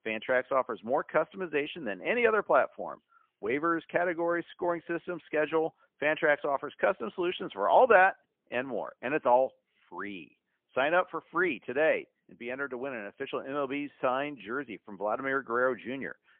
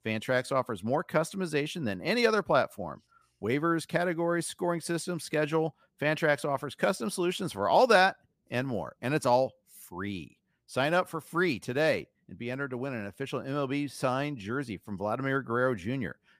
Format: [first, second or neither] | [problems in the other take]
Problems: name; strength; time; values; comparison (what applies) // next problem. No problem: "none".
second | phone-call audio; poor line; nothing above 3.5 kHz